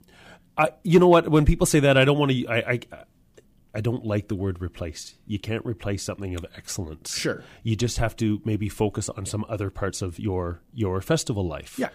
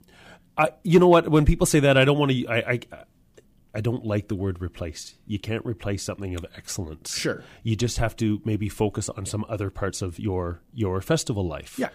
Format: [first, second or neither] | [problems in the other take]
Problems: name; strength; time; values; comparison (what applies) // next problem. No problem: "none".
neither | none